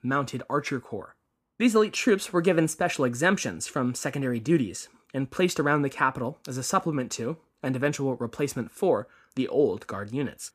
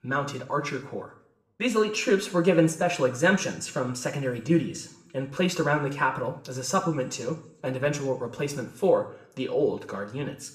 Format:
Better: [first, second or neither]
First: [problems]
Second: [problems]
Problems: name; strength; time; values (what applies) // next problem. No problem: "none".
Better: first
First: none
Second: room echo; slight; dies away in 0.5 s // off-mic speech; somewhat distant